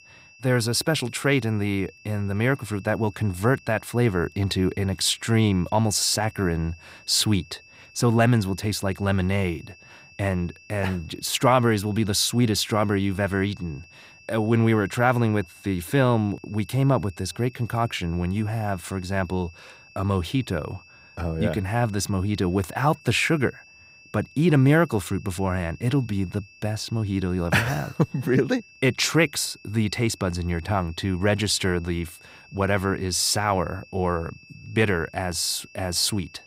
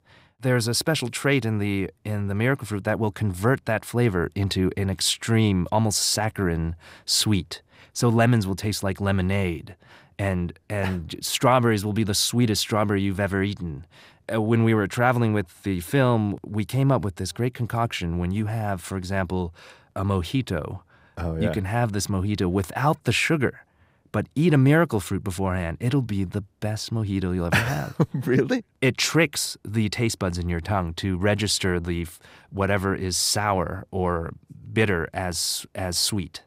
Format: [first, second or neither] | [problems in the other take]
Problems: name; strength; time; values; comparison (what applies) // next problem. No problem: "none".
second | high-pitched whine; faint; throughout; 2.5 kHz, 25 dB below the speech